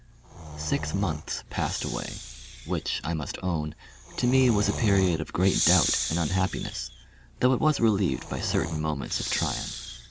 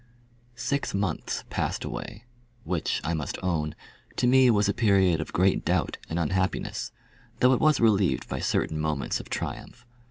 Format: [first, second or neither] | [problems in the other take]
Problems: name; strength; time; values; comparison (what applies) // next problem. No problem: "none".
second | background sound (Breathing); 7 dB below the speech